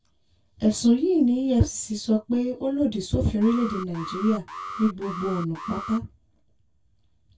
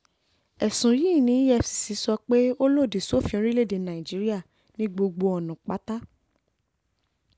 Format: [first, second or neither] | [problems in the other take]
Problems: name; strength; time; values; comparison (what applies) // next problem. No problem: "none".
second | background sound (Alarm); 12 dB below the speech // room echo; dies away in 0.1 s